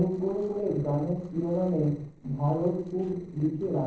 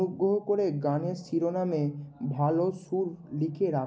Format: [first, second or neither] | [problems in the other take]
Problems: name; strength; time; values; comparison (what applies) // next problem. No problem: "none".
second | noise reduction (neural separator model SepFormer DNS4)